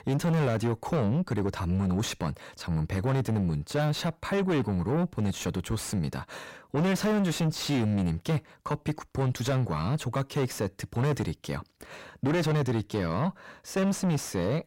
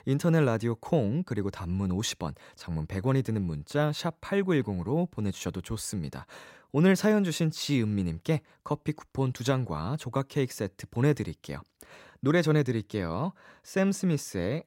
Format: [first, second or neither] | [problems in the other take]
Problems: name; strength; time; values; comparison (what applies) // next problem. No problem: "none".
second | distortion; heavy; 6 dB below the speech